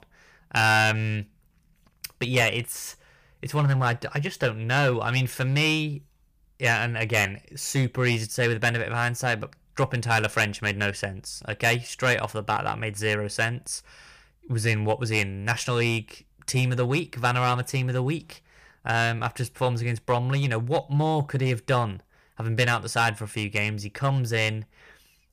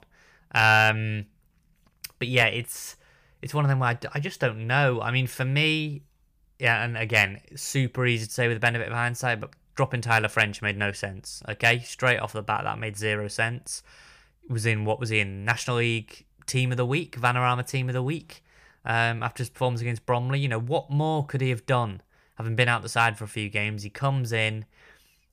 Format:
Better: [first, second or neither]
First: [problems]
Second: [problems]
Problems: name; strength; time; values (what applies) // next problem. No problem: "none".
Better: second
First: distortion; slight; 3% of the sound clipped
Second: none